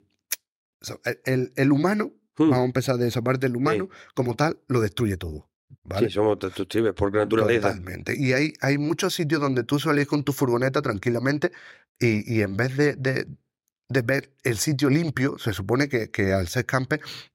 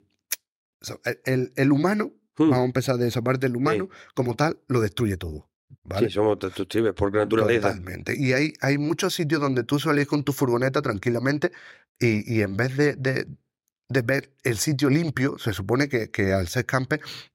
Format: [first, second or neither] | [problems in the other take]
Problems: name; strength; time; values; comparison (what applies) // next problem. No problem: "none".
neither | none